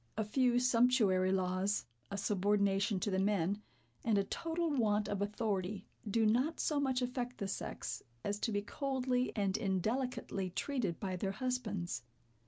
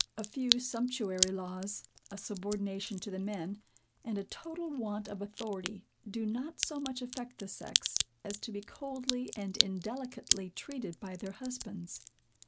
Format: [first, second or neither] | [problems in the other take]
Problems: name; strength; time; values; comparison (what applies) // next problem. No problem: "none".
first | background sound (Crack); 1 dB below the speech